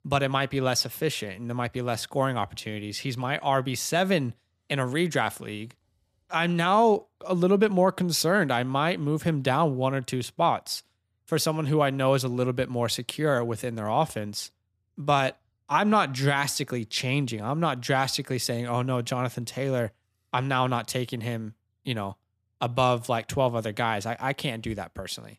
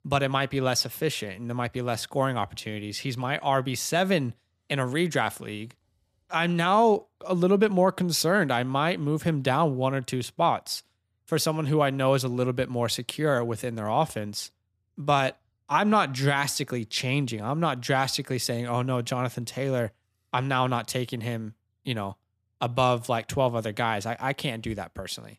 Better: neither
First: none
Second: none

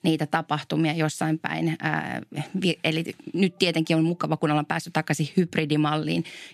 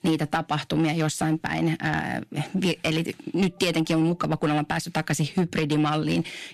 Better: first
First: none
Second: distortion; slight; 10 dB below the speech

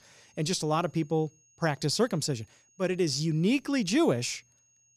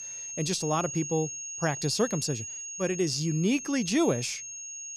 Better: first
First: high-pitched whine; faint; throughout; 6.5 kHz, 35 dB below the speech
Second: high-pitched whine; loud; throughout; 6.5 kHz, 7 dB below the speech

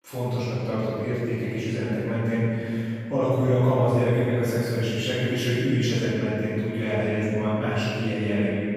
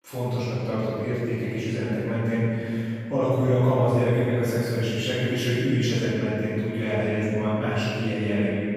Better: neither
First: off-mic speech; far // room echo; strong; dies away in 2.5 s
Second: off-mic speech; far // room echo; strong; dies away in 2.5 s

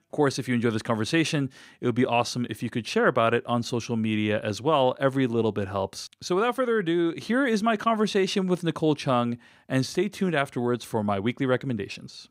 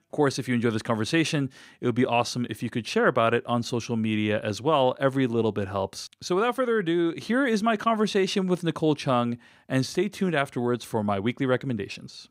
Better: neither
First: none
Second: none

